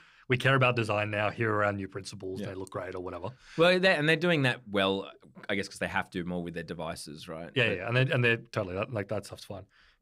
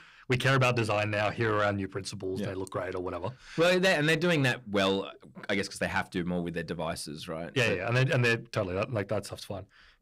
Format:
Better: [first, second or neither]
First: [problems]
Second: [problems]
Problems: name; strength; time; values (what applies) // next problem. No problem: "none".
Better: first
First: none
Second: distortion; slight; 10 dB below the speech